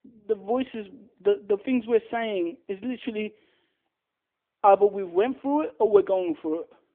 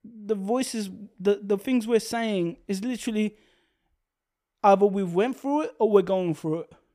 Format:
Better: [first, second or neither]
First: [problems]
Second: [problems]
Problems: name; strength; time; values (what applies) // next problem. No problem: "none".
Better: second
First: phone-call audio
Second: none